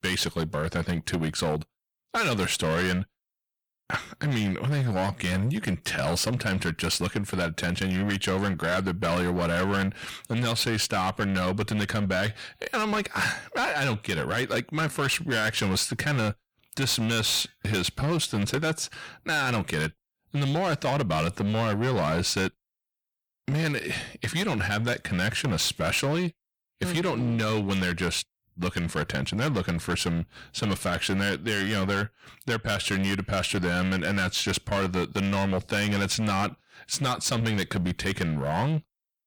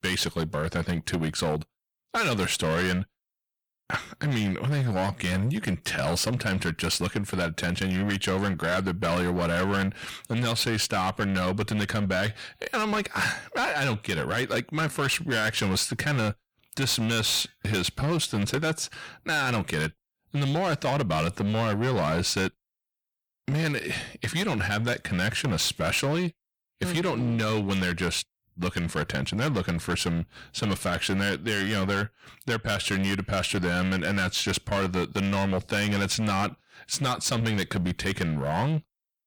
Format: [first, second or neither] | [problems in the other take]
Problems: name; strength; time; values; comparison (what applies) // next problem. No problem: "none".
neither | distortion; heavy; 16% of the sound clipped; the same in both